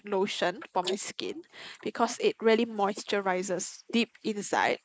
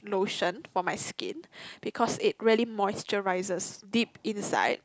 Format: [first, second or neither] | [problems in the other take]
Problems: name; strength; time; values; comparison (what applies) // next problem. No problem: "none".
second | noise reduction (neural mask model Resemble Enhance denoiser)